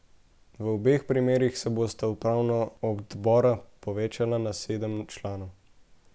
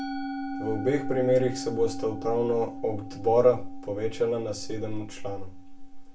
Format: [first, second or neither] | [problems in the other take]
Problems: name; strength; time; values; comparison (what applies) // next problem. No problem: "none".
first | background sound (Musical instrument); 10 dB below the speech // room echo; dies away in 0.2 s